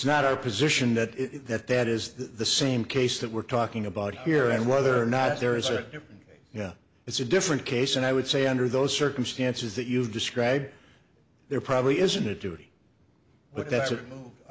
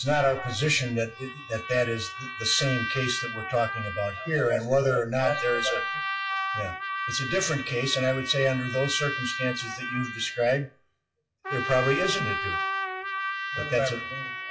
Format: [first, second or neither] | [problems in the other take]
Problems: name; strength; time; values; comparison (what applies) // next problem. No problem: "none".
first | noise reduction (classical method WPE with log-MMSE)